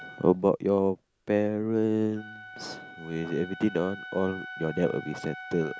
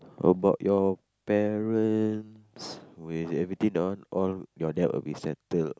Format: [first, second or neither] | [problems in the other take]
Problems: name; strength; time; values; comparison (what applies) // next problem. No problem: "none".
second | background sound (Wind instrument, woodwind instrument); 16 dB below the speech